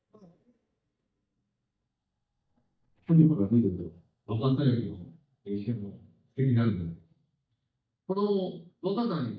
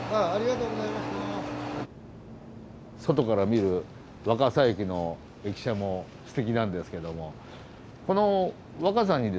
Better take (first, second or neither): second